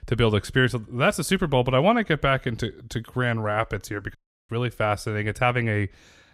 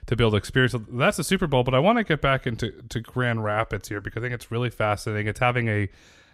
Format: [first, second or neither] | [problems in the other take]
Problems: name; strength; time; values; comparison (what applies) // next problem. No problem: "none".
second | audio cutting out; at 4 s